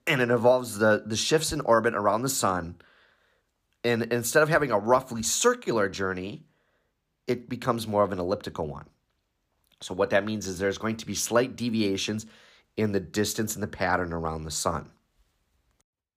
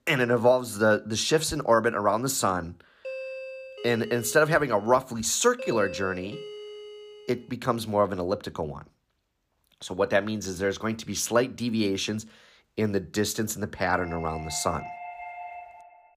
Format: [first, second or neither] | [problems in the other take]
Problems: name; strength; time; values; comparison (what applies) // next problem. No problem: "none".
first | doorbell; noticeable; from 3 to 7.5 s; peak 10 dB below the speech // doorbell; faint; from 14 s on; peak 15 dB below the speech